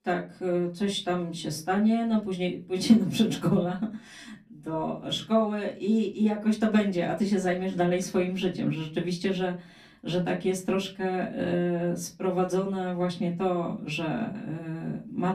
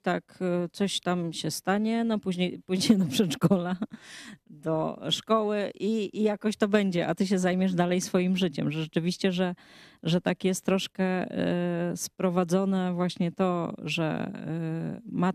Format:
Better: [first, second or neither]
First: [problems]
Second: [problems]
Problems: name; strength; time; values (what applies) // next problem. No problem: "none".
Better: second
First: off-mic speech; far // room echo; very slight; dies away in 0.3 s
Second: none